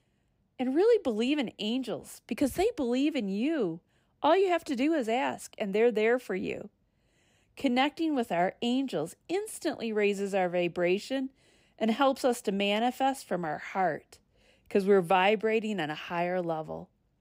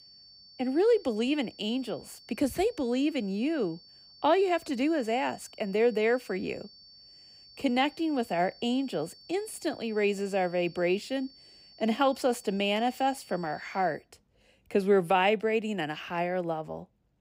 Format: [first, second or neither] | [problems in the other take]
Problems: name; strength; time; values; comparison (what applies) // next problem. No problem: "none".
first | high-pitched whine; faint; until 14 s; 4.5 kHz, 25 dB below the speech